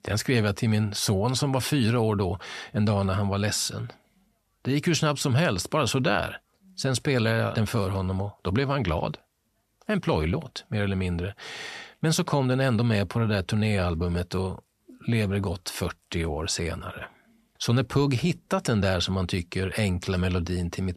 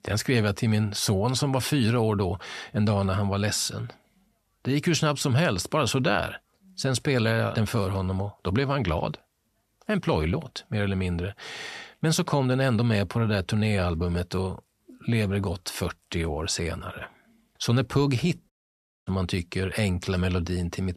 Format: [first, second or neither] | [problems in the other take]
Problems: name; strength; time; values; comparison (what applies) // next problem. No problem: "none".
first | audio cutting out; at 19 s for 0.5 s